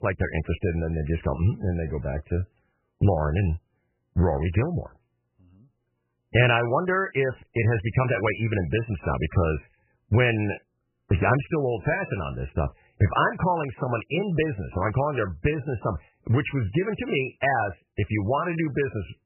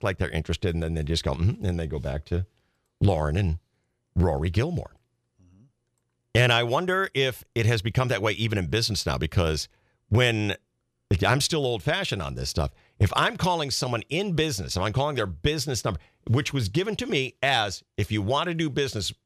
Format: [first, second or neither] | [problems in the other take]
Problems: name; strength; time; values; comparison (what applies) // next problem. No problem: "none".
second | garbled, watery; badly; nothing above 3 kHz